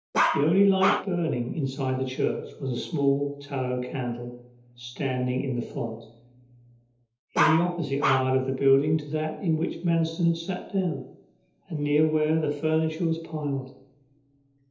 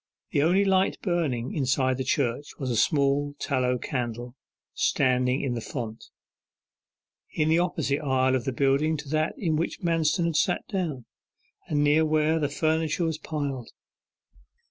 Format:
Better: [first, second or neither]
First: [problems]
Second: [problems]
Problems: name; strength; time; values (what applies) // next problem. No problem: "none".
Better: second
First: background sound (Bark); 1 dB below the speech // room echo; dies away in 0.8 s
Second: none